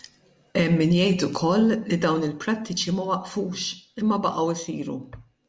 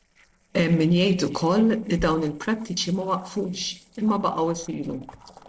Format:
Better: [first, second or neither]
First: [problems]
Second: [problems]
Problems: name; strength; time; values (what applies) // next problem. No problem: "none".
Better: first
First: none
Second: noise reduction (neural separator model SepFormer DNS4)